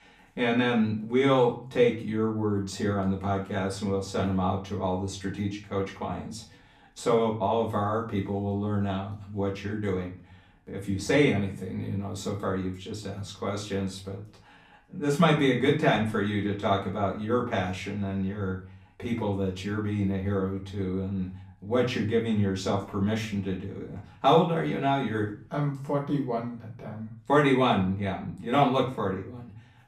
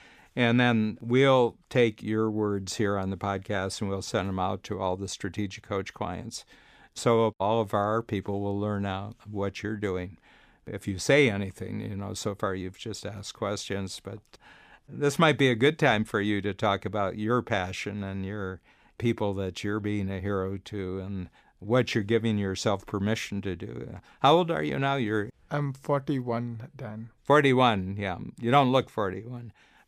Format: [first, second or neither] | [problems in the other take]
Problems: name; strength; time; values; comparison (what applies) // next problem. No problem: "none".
second | off-mic speech; far // room echo; slight; dies away in 0.4 s